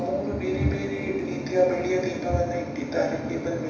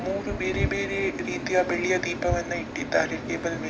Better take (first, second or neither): second